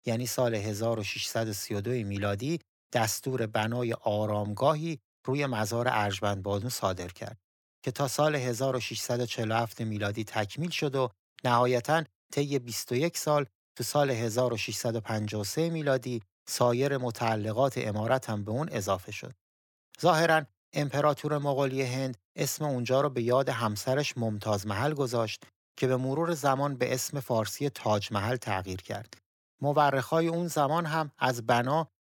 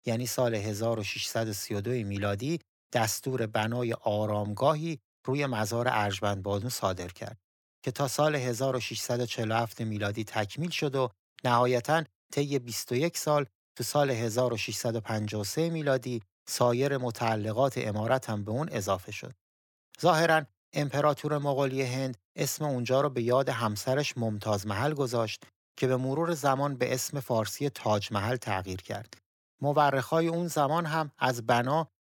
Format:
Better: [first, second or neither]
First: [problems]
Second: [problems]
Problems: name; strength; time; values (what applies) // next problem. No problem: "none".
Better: neither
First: none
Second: none